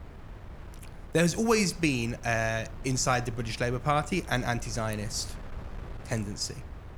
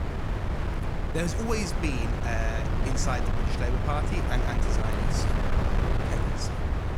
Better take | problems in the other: first | wind noise on the microphone; heavy; as loud as the speech; occasional gusts in the first

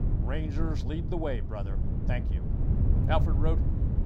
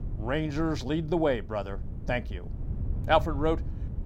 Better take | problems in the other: second | wind noise on the microphone; heavy; 7 dB below the speech; occasional gusts in the second

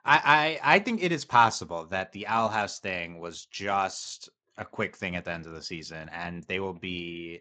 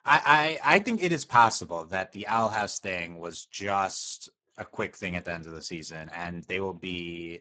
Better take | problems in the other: first | garbled, watery; badly; nothing above 8 kHz; slightly in the first

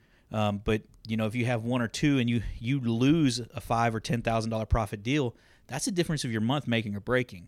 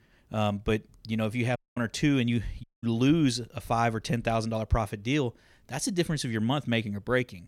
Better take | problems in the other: first | audio cutting out; at 1.5 s and at 2.5 s

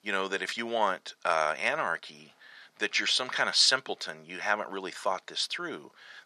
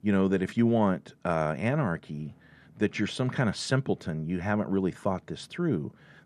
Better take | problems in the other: second | thin; very; fading below 850 Hz

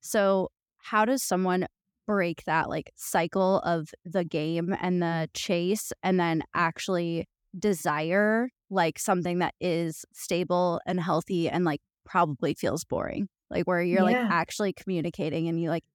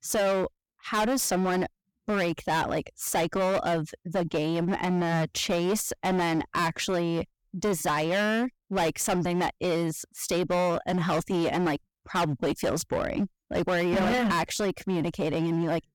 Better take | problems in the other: first | distortion; heavy; 20% of the sound clipped

